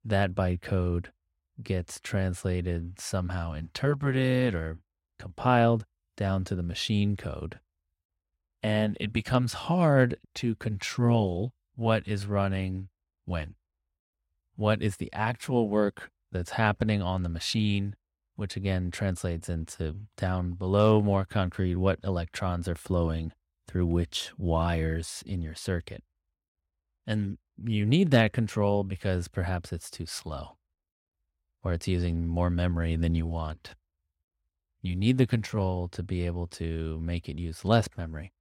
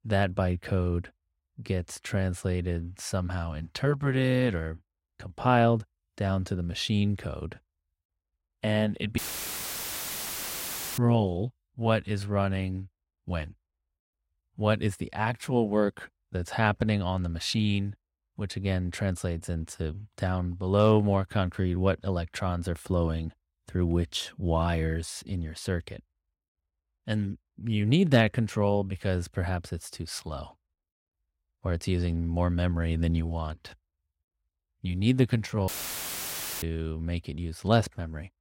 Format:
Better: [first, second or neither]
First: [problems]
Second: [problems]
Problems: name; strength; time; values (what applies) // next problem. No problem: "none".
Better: first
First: none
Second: audio cutting out; filled with static; at 9 s for 2 s and at 36 s for 1 s